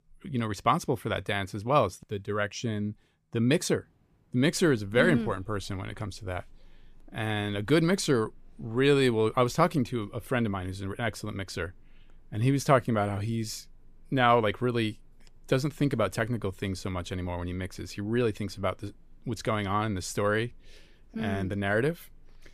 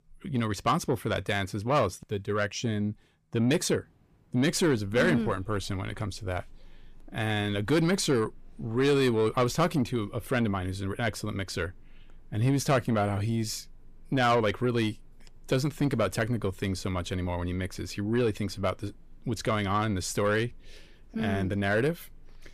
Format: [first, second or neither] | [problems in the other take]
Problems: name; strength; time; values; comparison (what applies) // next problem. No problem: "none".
first | distortion; slight; 10 dB below the speech